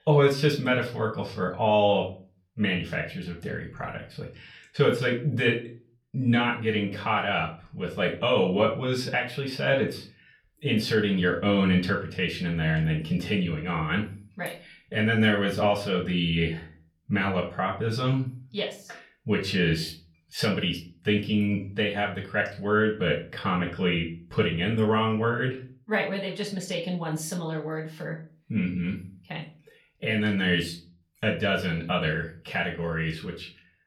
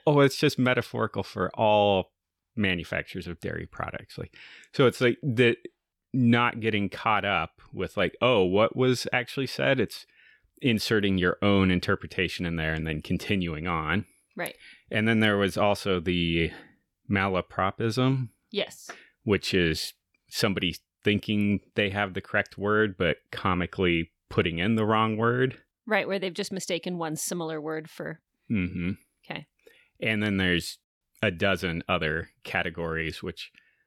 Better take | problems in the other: second | off-mic speech; far // room echo; slight; dies away in 0.3 s

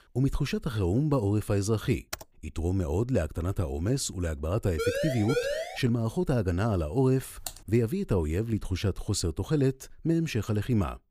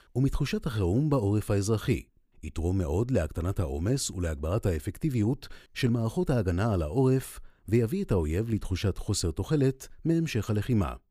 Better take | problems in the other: second | keyboard typing; faint; at 2 s and at 7.5 s; peak 10 dB below the speech // siren; noticeable; at 5 s; peak 1 dB below the speech

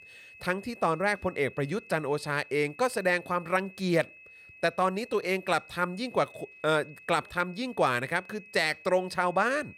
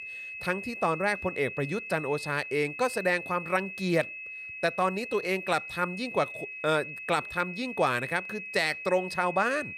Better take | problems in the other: first | high-pitched whine; loud; throughout; 2.5 kHz, 8 dB below the speech; faint in the first

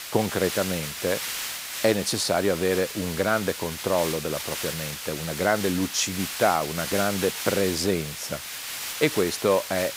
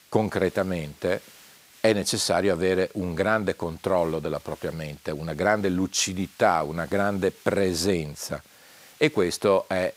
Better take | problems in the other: second | hiss; loud; throughout; 5 dB below the speech; faint in the second

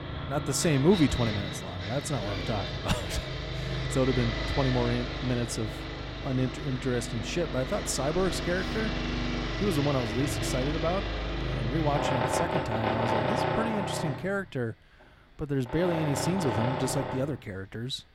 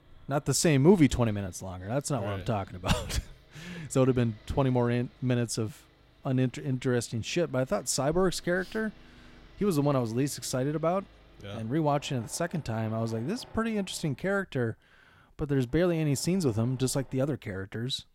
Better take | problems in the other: second | machinery noise; loud; throughout; 2 dB below the speech; faint in the second

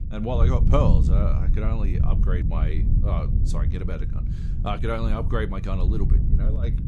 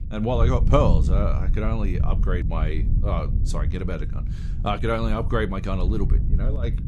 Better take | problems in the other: second | wind noise on the microphone; heavy; 7 dB below the speech; occasional gusts in the second

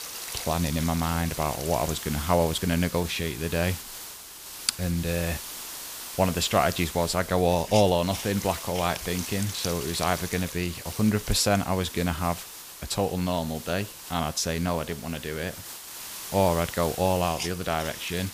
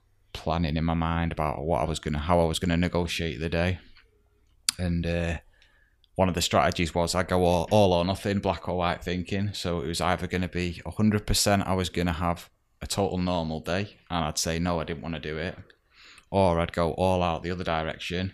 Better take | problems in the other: second | hiss; loud; throughout; 9 dB below the speech

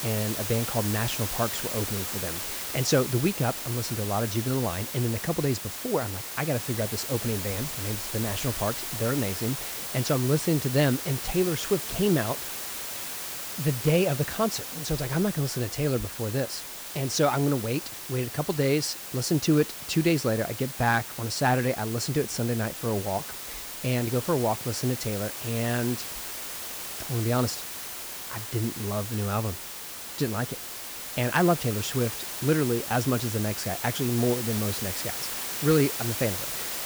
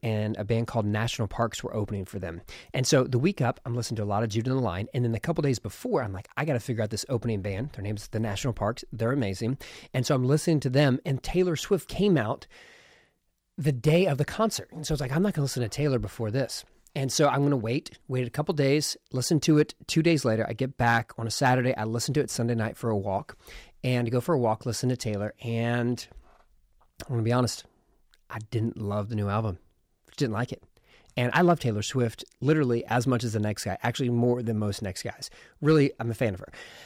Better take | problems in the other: second | hiss; loud; throughout; 5 dB below the speech

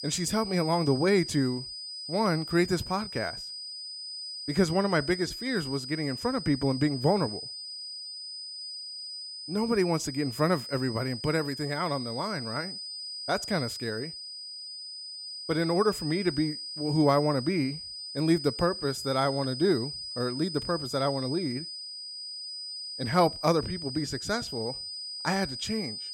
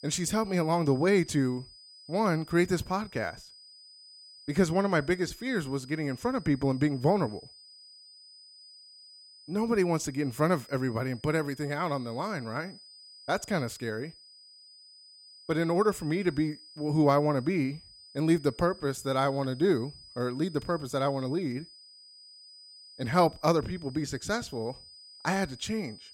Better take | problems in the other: second | high-pitched whine; loud; throughout; 5 kHz, 8 dB below the speech; faint in the second

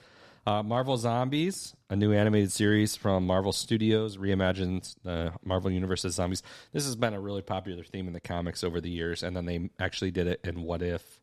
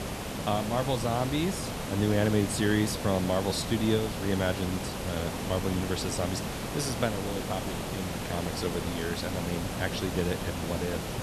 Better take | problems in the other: first | hiss; loud; throughout; 3 dB below the speech

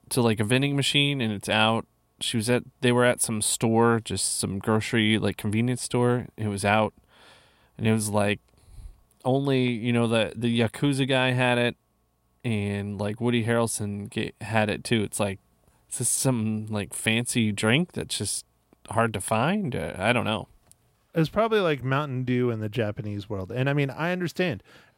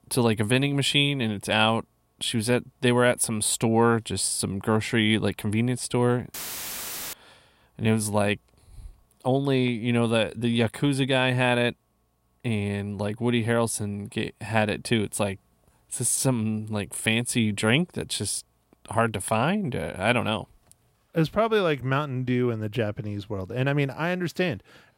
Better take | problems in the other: first | audio cutting out; filled with static; at 6.5 s for 1 s

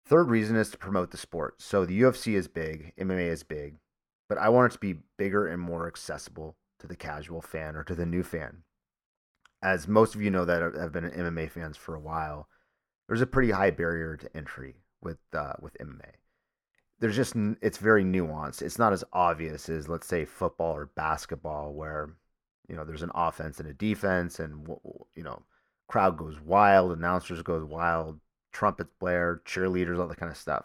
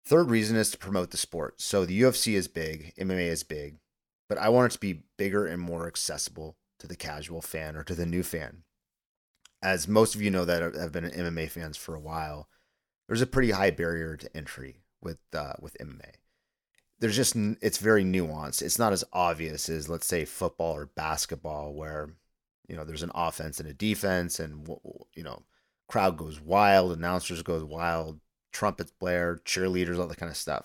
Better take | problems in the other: second | muffled; slightly; fading above 3 kHz

